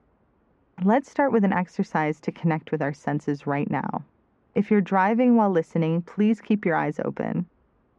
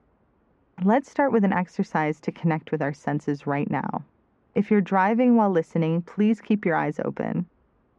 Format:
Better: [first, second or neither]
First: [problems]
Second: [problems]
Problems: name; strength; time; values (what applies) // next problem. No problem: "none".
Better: neither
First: muffled; very; fading above 2 kHz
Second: muffled; very; fading above 2 kHz